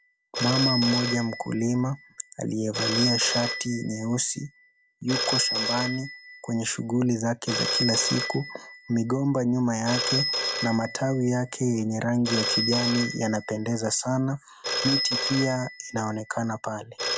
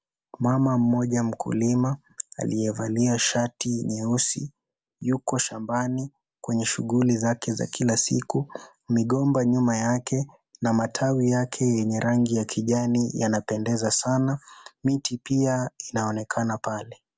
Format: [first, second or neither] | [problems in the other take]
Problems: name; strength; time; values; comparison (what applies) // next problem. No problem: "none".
second | background sound (Telephone); 4 dB below the speech